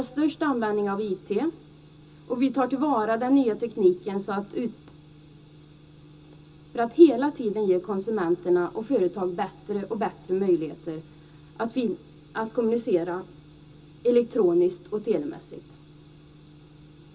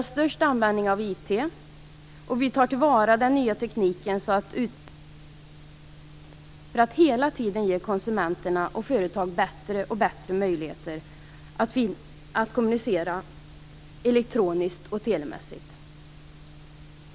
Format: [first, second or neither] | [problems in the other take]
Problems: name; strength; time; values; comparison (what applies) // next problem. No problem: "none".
second | room echo; dies away in 0.2 s